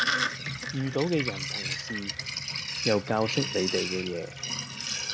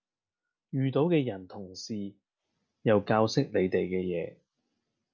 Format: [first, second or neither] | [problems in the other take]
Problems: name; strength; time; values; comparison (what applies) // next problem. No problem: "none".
second | background sound (Sink (filling or washing)); 1 dB below the speech